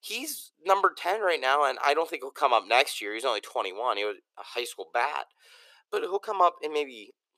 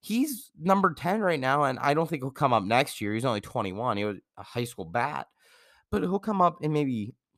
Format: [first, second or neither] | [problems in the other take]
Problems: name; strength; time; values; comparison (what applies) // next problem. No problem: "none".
second | thin; very; fading below 400 Hz